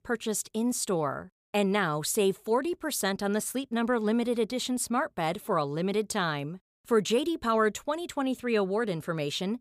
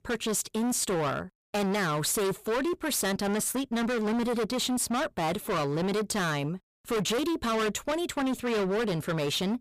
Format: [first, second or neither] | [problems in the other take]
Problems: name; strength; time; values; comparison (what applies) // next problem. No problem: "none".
first | distortion; heavy; 33% of the sound clipped